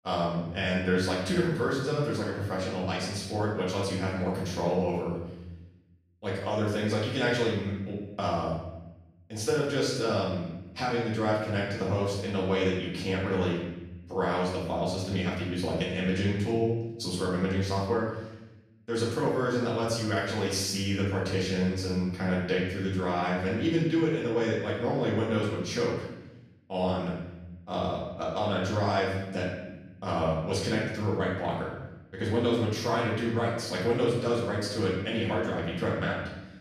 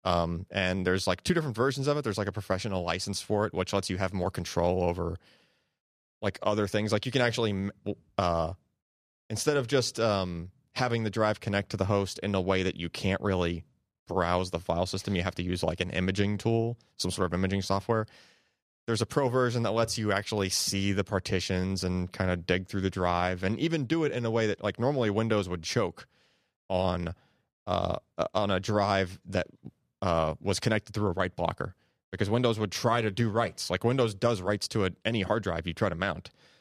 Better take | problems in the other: second | off-mic speech; far // room echo; noticeable; dies away in 0.9 s

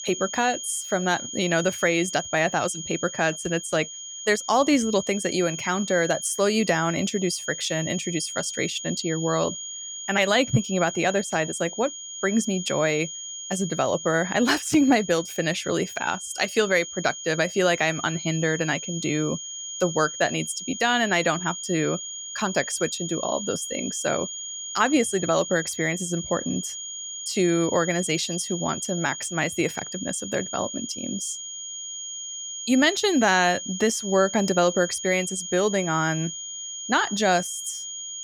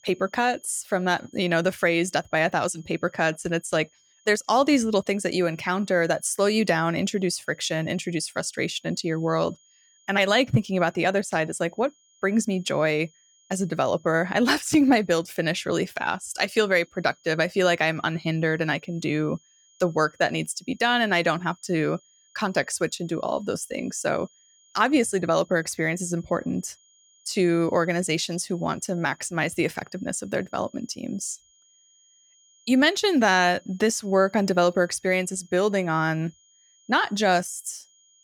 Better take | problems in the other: second | high-pitched whine; loud; throughout; 6.5 kHz, 8 dB below the speech; faint in the second

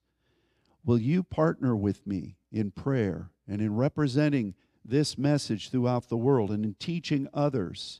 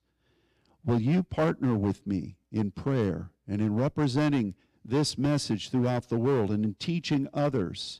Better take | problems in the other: first | distortion; slight; 6% of the sound clipped

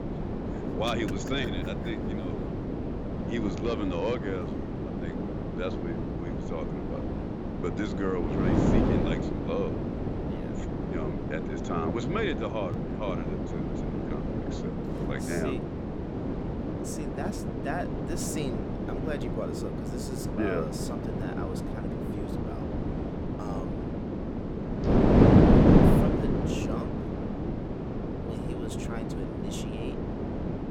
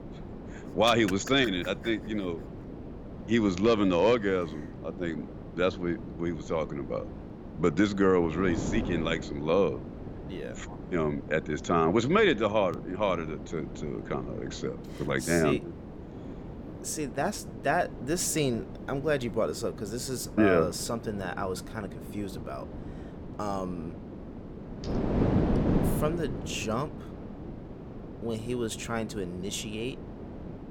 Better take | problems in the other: second | wind noise on the microphone; heavy; 3 dB above the speech; occasional gusts in the second

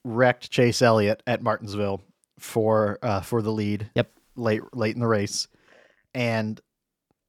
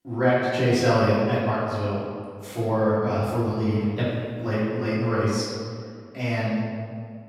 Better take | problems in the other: first | off-mic speech; far // room echo; strong; dies away in 1.9 s

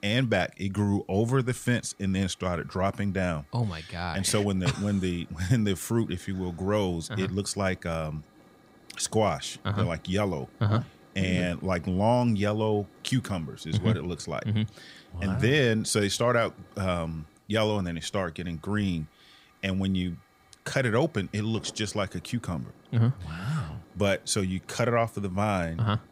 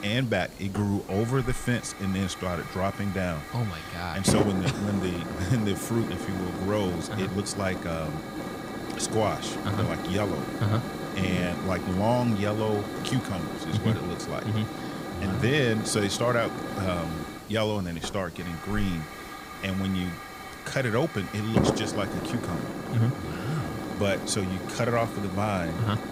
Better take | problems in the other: first | hiss; loud; throughout; 5 dB below the speech; faint in the first

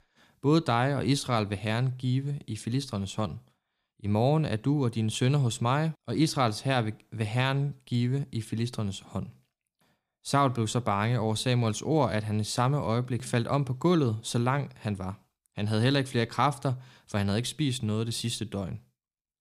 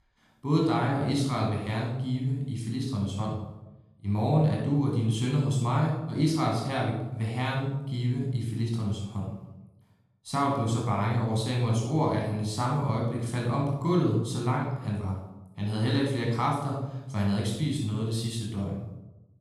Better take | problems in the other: first | off-mic speech; far // room echo; noticeable; dies away in 0.8 s

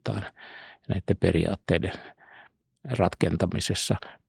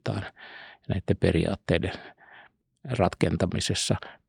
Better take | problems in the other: second | garbled, watery; slightly; nothing above 18.5 kHz

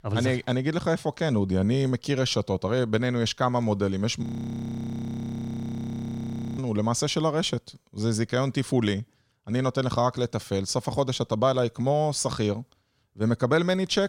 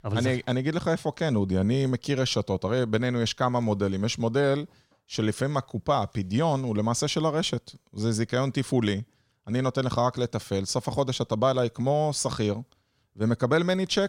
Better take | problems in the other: second | audio freezing; at 4 s for 2.5 s

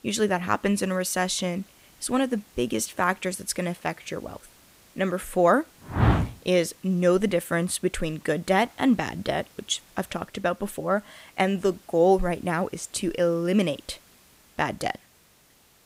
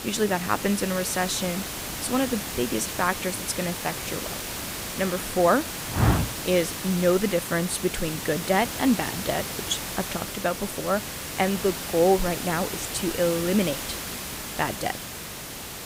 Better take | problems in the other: first | hiss; loud; throughout; 5 dB below the speech; faint in the first

